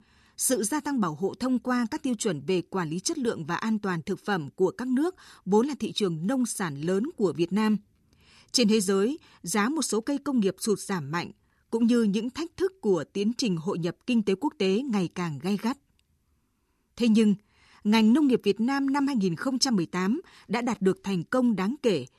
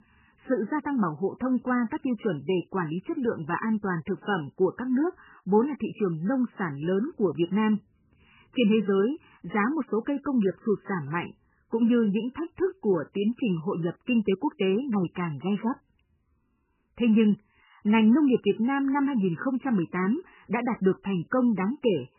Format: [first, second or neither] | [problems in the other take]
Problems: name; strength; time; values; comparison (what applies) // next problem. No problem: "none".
first | garbled, watery; badly; nothing above 3 kHz